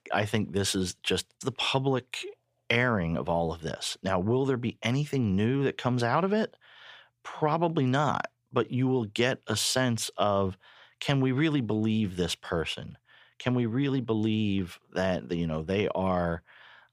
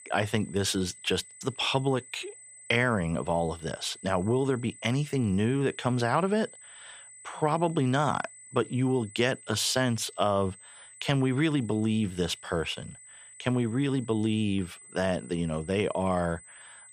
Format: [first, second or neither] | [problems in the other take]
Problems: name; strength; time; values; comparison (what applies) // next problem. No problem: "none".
first | high-pitched whine; noticeable; throughout; 8 kHz, 20 dB below the speech